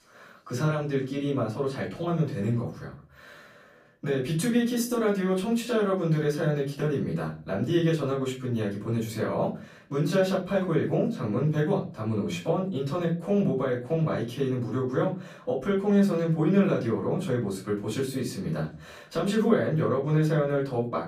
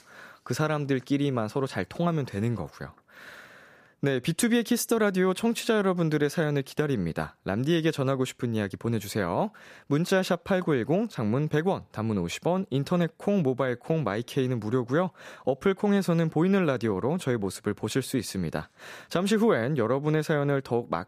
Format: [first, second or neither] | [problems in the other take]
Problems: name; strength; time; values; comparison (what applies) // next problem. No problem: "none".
second | room echo; slight; dies away in 0.3 s // off-mic speech; far